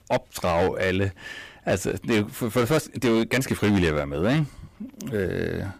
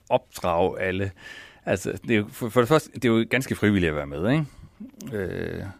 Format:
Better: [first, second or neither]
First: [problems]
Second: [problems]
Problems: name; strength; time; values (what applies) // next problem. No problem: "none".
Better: second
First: distortion; heavy; 11% of the sound clipped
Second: none